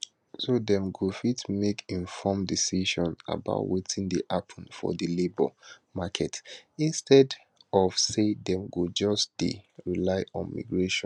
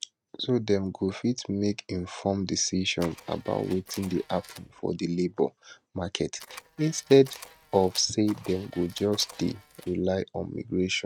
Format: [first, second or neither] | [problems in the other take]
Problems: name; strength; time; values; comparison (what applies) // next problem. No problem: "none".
first | noise reduction (neural mask model RNNoise)